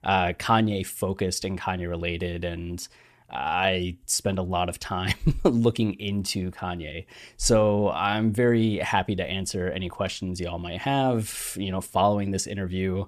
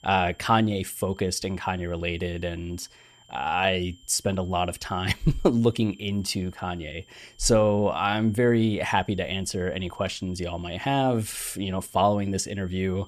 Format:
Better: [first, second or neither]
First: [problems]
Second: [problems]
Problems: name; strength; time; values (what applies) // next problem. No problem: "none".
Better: first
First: none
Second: high-pitched whine; faint; throughout; 3 kHz, 30 dB below the speech